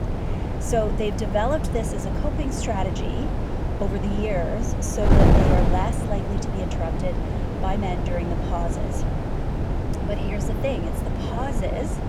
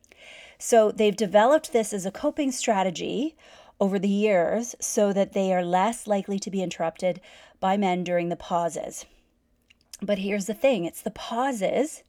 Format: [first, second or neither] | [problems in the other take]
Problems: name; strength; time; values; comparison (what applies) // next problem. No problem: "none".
second | wind noise on the microphone; heavy; 2 dB below the speech